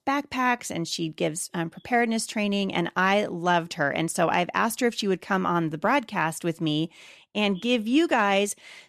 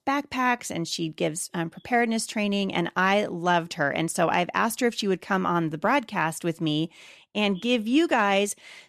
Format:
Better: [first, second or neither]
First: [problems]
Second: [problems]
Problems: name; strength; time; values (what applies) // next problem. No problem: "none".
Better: neither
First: none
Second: none